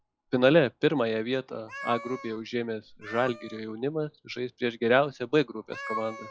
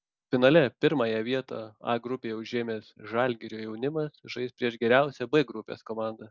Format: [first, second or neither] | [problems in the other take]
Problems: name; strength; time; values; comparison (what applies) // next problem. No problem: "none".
second | noise reduction (classical method log-MMSE)